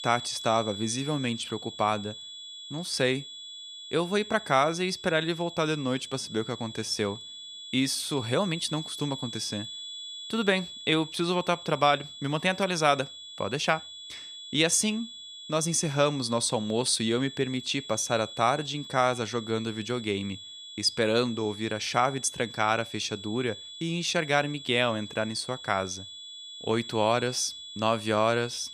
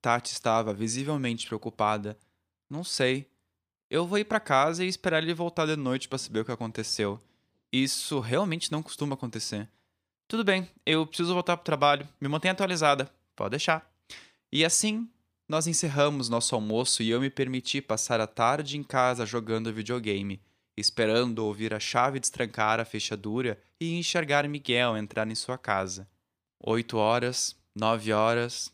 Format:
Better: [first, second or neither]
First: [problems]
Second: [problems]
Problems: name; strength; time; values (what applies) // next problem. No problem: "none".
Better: second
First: high-pitched whine; noticeable; throughout; 3.5 kHz, 10 dB below the speech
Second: none